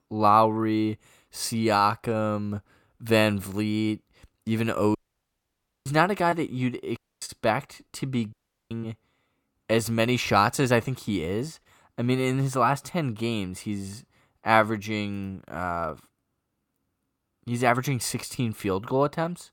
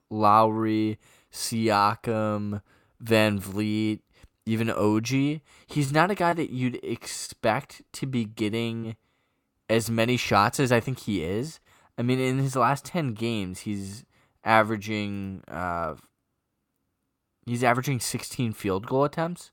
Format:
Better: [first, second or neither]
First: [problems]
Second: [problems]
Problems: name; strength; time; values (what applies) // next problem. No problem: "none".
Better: second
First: audio cutting out; at 5 s for 1 s, at 7 s and at 8.5 s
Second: none